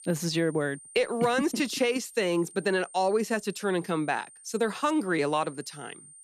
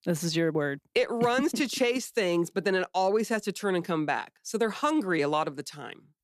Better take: second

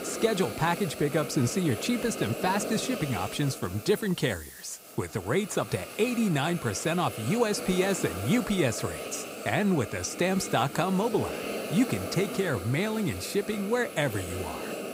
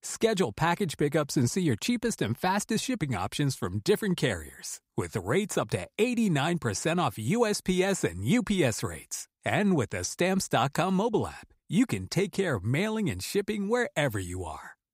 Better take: second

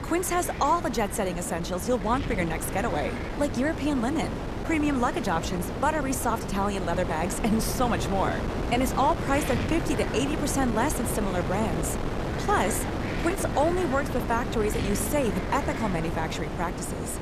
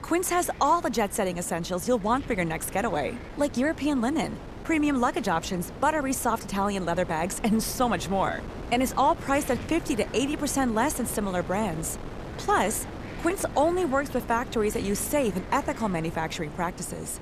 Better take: second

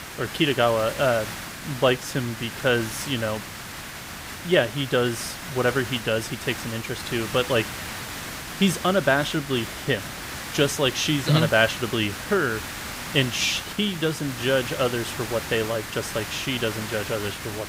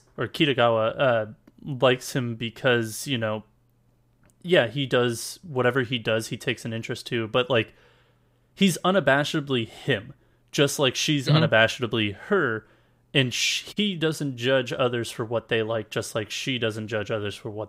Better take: second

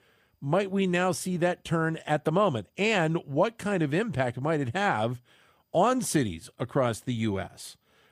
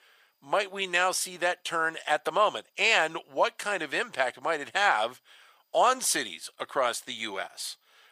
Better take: first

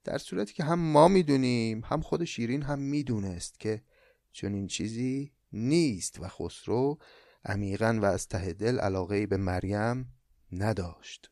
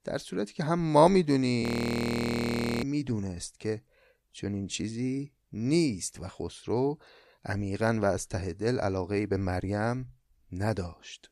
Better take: first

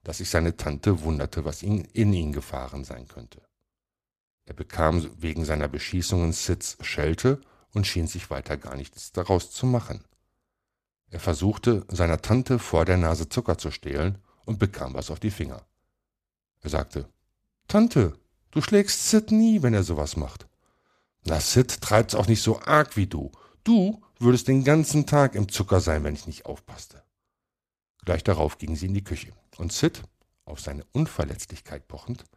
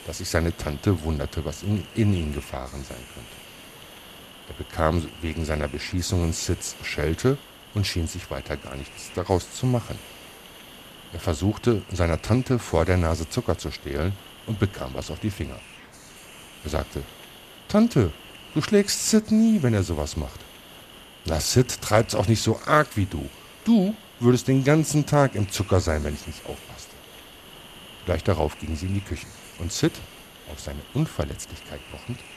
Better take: first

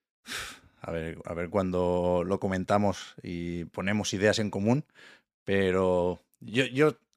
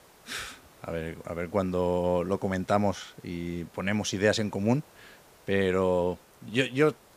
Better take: first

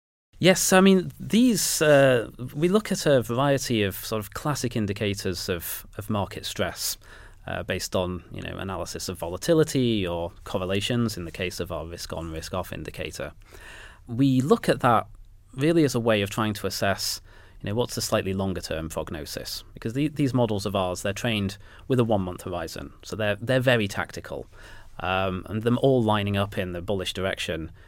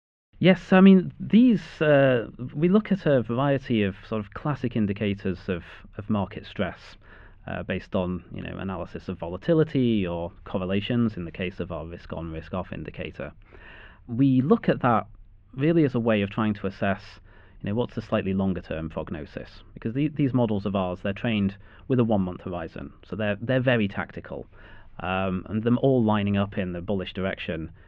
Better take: first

